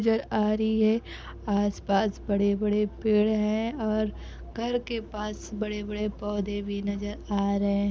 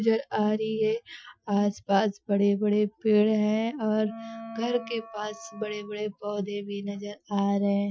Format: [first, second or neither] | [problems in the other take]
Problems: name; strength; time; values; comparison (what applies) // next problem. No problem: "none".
first | noise reduction (classical method Wiener filter)